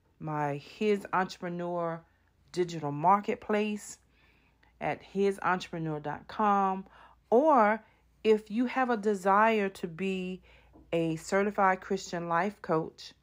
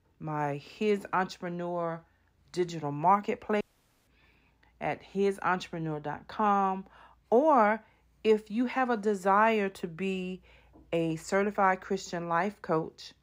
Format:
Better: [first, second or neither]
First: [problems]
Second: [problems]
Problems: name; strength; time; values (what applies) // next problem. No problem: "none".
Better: first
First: none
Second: audio cutting out; at 3.5 s